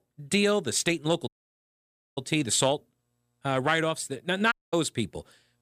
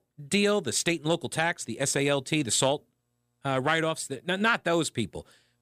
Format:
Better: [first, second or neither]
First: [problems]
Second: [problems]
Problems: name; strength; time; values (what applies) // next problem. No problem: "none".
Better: second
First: audio cutting out; at 1.5 s for 1 s and at 4.5 s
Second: none